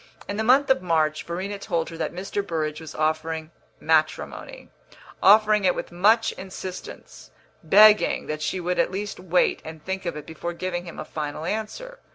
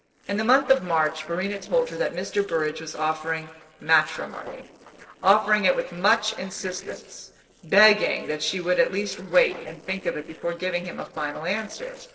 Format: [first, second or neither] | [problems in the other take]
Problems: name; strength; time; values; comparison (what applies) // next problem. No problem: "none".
first | noise reduction (neural separator model SepFormer DNS4)